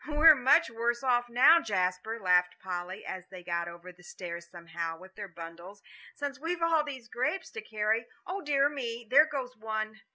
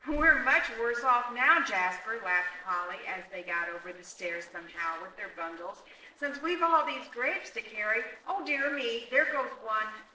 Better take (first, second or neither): first